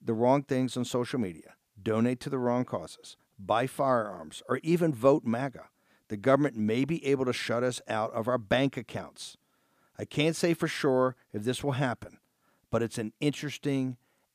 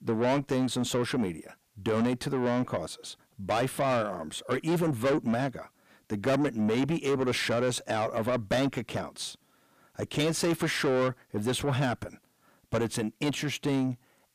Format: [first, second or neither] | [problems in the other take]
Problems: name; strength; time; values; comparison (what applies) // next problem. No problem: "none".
first | distortion; heavy; 7 dB below the speech